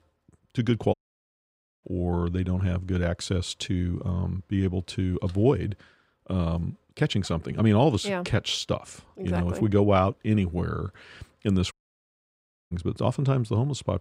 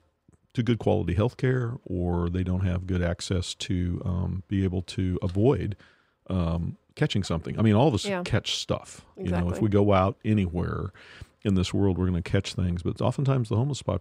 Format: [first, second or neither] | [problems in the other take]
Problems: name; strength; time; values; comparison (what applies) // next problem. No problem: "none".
second | audio cutting out; at 1 s for 1 s and at 12 s for 1 s